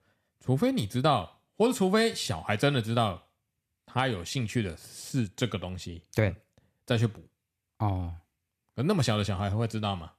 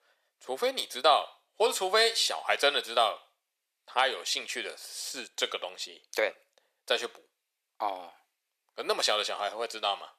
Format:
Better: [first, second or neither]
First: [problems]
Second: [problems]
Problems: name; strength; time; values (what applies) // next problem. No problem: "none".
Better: first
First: none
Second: thin; very; fading below 500 Hz